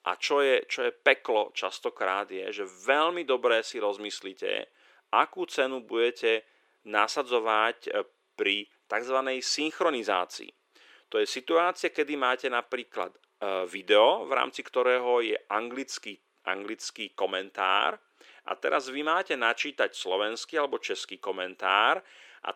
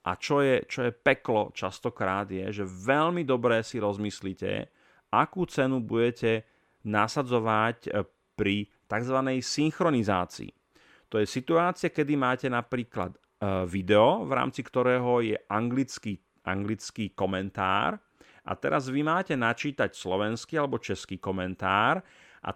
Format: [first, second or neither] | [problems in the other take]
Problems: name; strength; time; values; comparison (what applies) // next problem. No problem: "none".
second | thin; somewhat; fading below 400 Hz